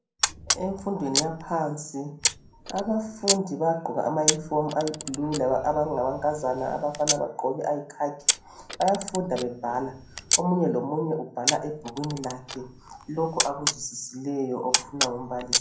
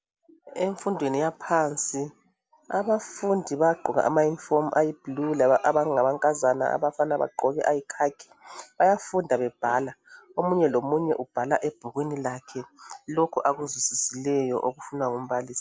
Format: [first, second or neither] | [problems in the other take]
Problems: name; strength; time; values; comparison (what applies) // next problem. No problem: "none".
second | background sound (Camera); 3 dB below the speech // room echo; dies away in 0.5 s